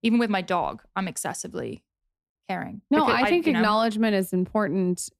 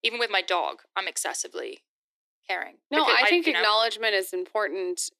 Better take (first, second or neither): first